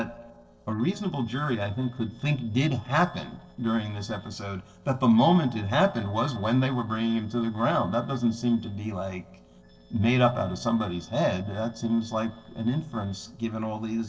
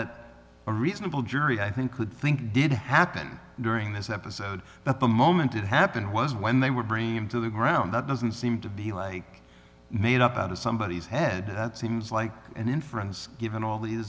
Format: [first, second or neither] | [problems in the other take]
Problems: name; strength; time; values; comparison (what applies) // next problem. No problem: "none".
second | noise reduction (neural separator model SepFormer DNS4)